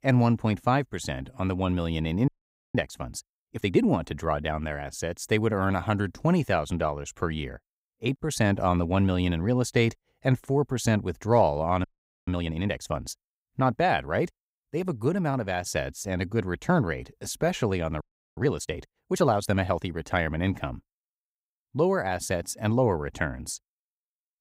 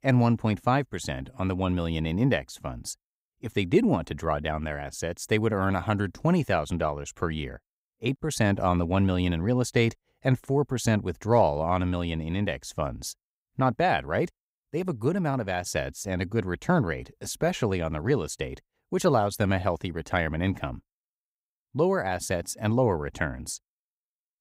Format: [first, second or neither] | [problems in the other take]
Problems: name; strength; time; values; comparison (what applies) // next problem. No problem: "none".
second | audio freezing; at 2.5 s, at 12 s and at 18 s